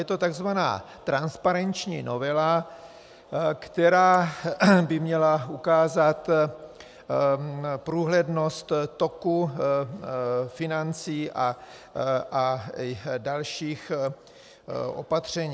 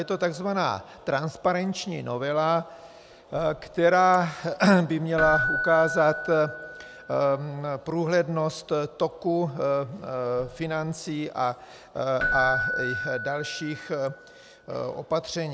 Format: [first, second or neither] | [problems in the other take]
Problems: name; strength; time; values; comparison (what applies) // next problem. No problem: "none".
first | background sound (Keyboard (musical)); 9 dB below the speech